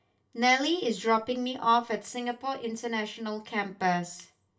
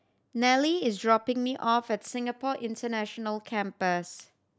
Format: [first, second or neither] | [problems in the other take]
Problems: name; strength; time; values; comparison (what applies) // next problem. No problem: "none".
second | room echo; dies away in 0.2 s